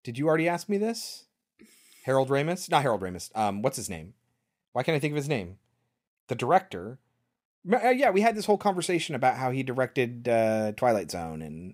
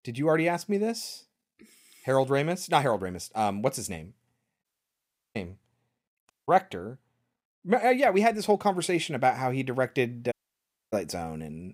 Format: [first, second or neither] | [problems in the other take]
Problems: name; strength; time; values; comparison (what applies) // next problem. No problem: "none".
first | audio cutting out; at 4.5 s for 0.5 s, at 6.5 s and at 10 s for 0.5 s